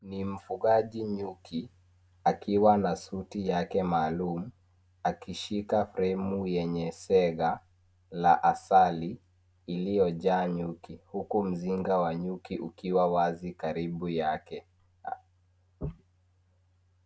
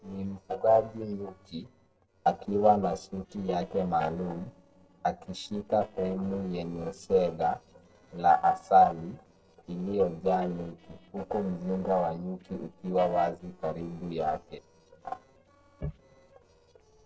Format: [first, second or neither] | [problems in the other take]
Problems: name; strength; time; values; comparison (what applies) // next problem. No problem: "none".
first | noise reduction (neural separator model SepFormer DNS4)